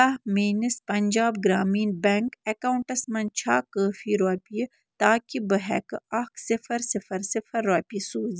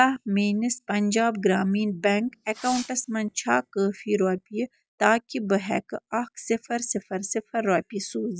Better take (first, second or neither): first